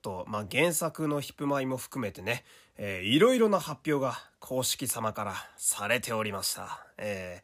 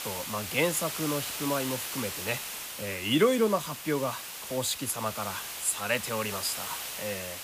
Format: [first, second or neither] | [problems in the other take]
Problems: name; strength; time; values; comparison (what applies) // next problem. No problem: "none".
first | hiss; loud; throughout; 5 dB below the speech